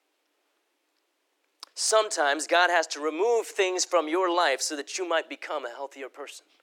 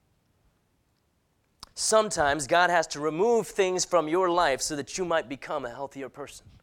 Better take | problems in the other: second | thin; somewhat; fading below 300 Hz

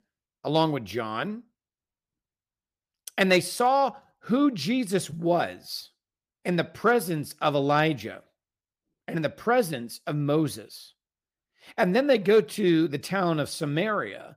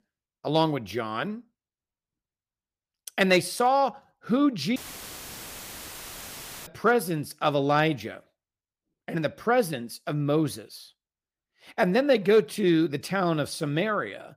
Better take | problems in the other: first | audio cutting out; filled with static; at 5 s for 2 s

